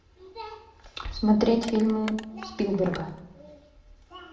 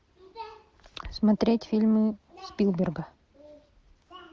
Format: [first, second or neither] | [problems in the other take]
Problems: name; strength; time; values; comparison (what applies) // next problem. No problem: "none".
second | background sound (Crushing); 16 dB below the speech // room echo; dies away in 0.7 s